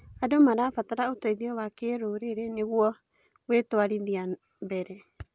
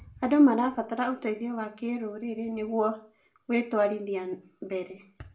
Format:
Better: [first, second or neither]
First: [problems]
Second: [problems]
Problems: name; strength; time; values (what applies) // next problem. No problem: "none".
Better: first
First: none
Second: room echo; dies away in 0.4 s